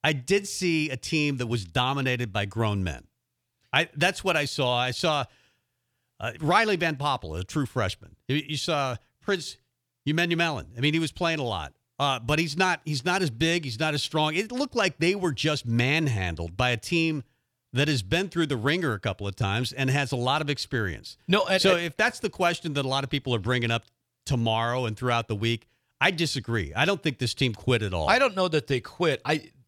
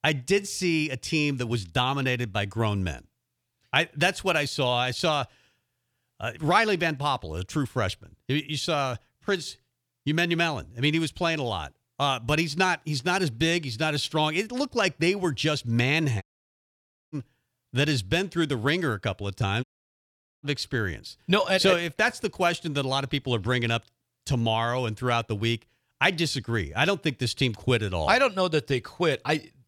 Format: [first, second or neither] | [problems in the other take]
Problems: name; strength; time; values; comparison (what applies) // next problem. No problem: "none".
first | audio cutting out; at 16 s for 1 s and at 20 s for 1 s